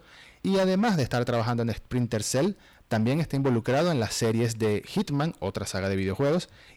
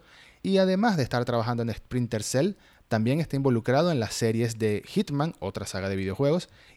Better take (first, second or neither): second